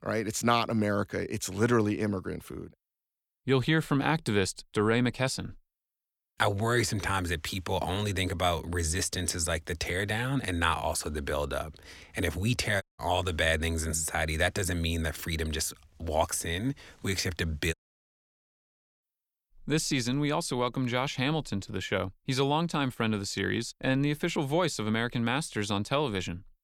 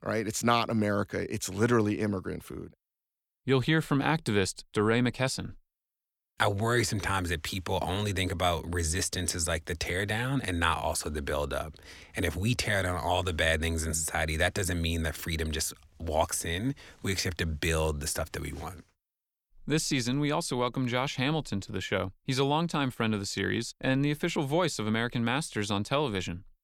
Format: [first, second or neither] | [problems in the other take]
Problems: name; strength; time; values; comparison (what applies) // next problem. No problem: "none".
second | audio cutting out; at 13 s and at 18 s for 1.5 s